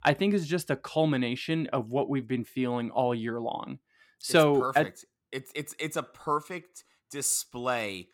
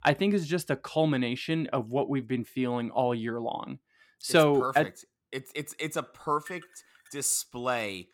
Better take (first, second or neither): first